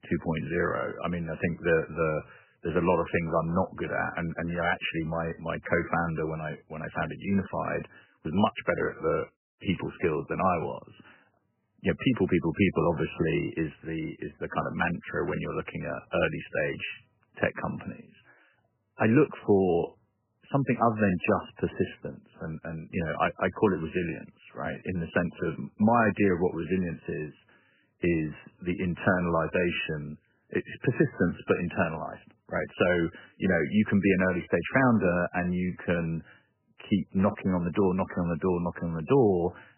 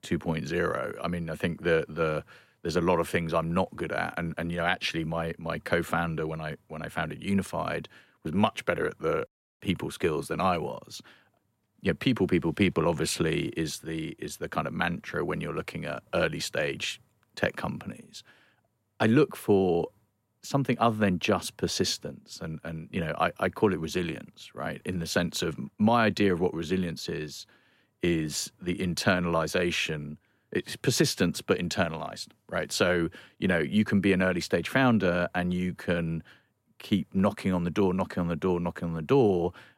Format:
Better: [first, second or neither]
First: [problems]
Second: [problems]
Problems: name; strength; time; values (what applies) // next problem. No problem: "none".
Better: second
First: garbled, watery; badly; nothing above 3 kHz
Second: none